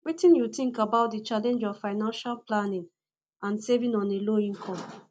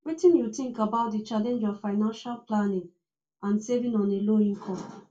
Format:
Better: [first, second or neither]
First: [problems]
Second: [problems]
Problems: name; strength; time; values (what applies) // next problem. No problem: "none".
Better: first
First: none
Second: room echo; dies away in 0.2 s